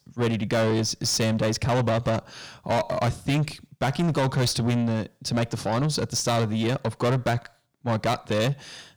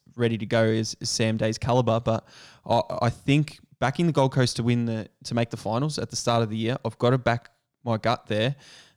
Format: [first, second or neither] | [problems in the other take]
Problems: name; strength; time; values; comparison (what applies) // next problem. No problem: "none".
second | distortion; heavy; 7 dB below the speech